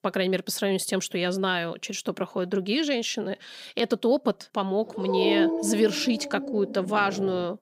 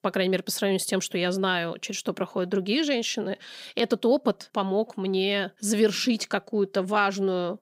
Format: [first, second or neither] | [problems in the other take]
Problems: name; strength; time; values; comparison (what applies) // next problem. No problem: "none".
second | dog barking; loud; from 5 s on; peak 3 dB above the speech